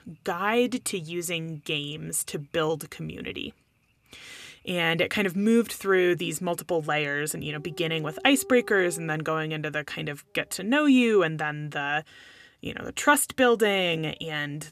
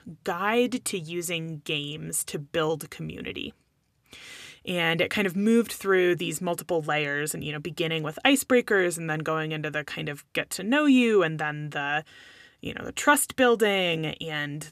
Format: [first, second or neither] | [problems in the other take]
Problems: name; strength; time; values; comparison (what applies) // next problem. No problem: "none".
second | animal sounds; faint; throughout; 20 dB below the speech